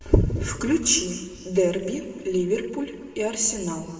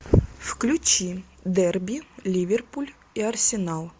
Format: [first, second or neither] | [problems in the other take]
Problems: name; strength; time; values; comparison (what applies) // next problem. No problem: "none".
second | room echo; dies away in 1.5 s